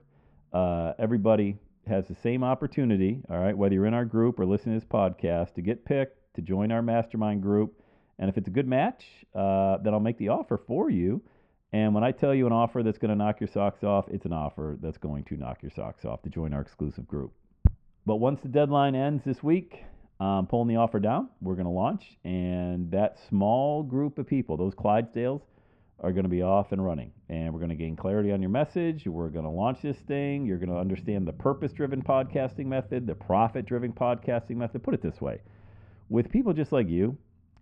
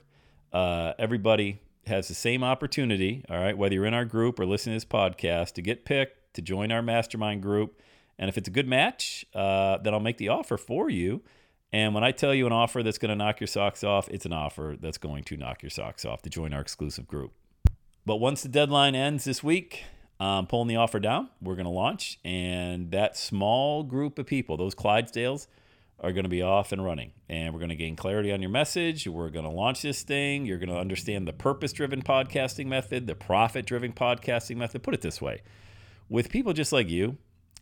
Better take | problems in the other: second | muffled; very; fading above 1 kHz

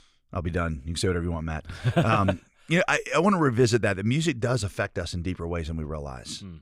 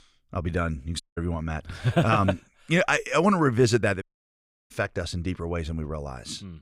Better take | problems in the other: first | audio cutting out; at 1 s and at 4 s for 0.5 s

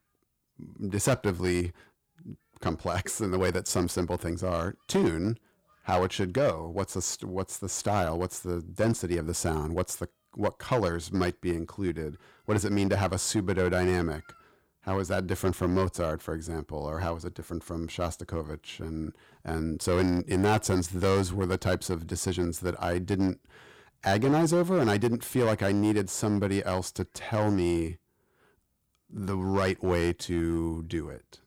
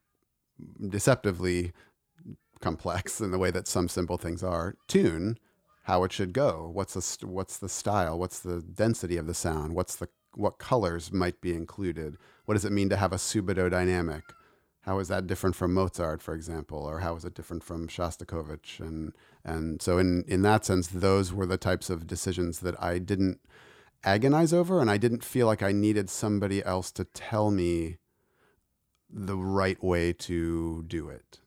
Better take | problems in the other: second | distortion; slight; 4% of the sound clipped

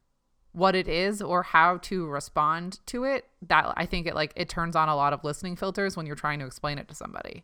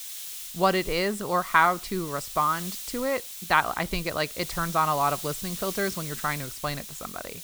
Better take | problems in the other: first | hiss; loud; throughout; 9 dB below the speech

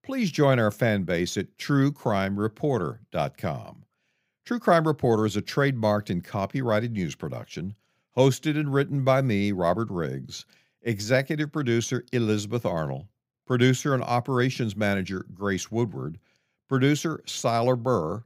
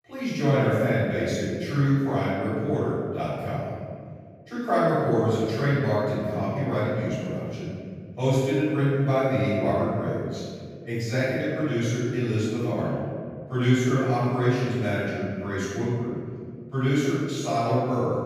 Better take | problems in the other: first | room echo; strong; dies away in 2 s // off-mic speech; far

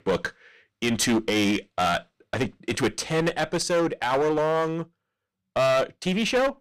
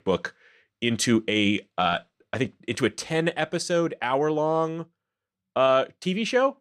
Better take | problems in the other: second | distortion; heavy; 12% of the sound clipped

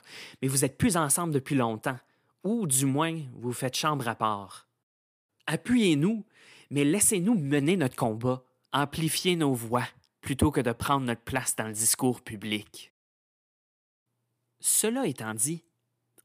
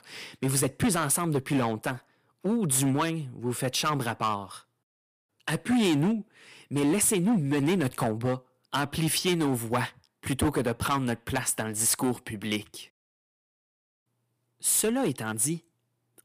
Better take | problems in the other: first | distortion; slight; 7% of the sound clipped

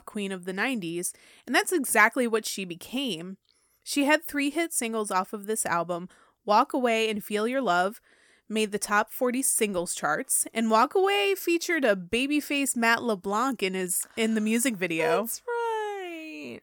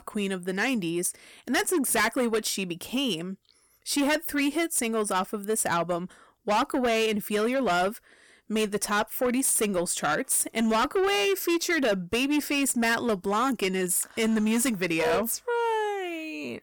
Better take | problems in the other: first | distortion; heavy; 8 dB below the speech

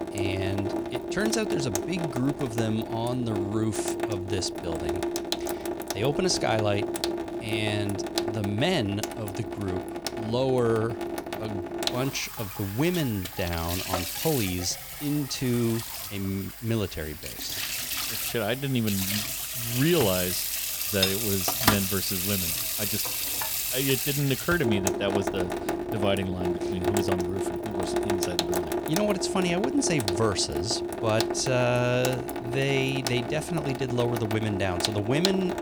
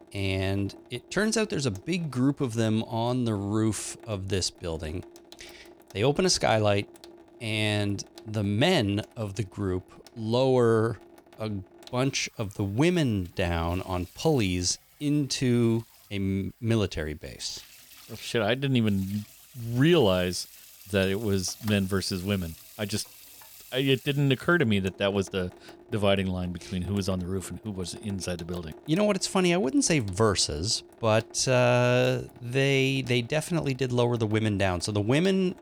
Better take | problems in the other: second | household noises; loud; throughout; 1 dB below the speech; faint in the second

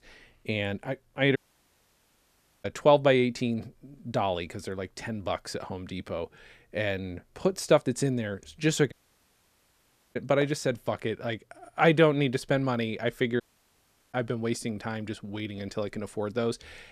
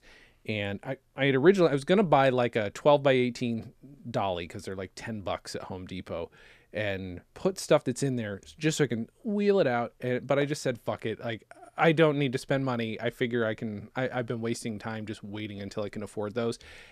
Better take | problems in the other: second | audio cutting out; at 1.5 s for 1.5 s, at 9 s for 1 s and at 13 s for 0.5 s

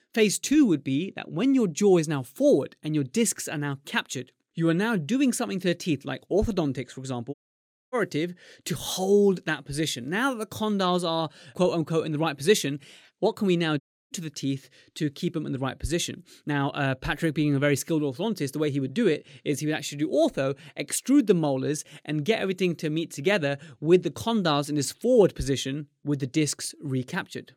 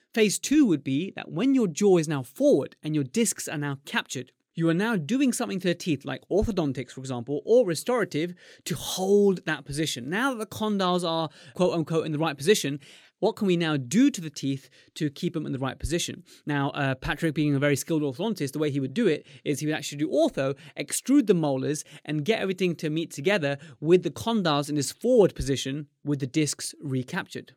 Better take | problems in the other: second | audio cutting out; at 7.5 s for 0.5 s and at 14 s

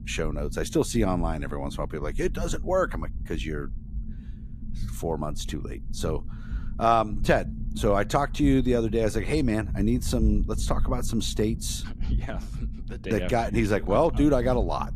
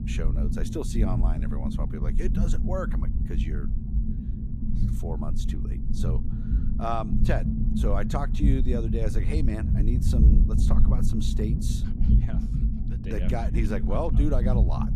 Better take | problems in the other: first | low rumble; loud; throughout; 4 dB below the speech; faint in the first

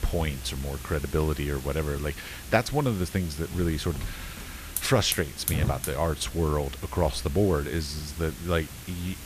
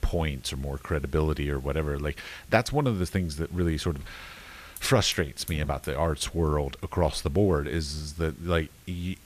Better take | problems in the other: second | hiss; loud; throughout; 9 dB below the speech; faint in the second

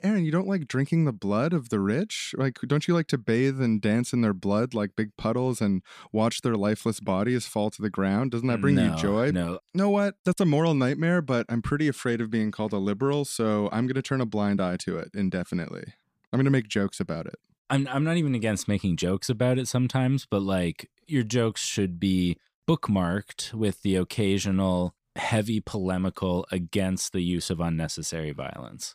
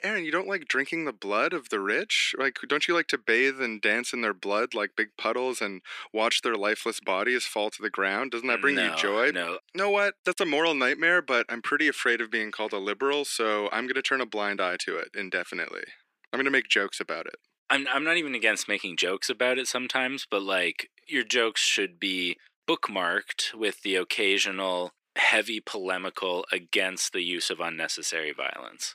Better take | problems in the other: first | thin; very; fading below 350 Hz

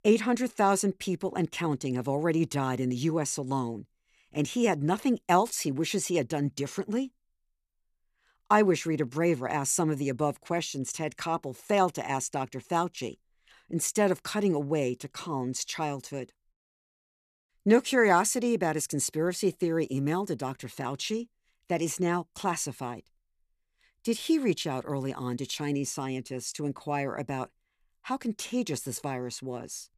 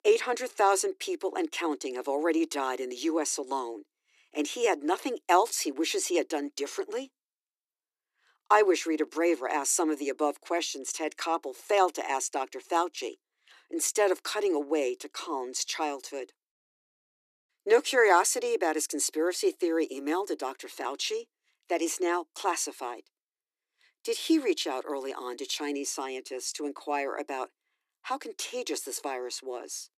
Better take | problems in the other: first | thin; somewhat; fading below 300 Hz

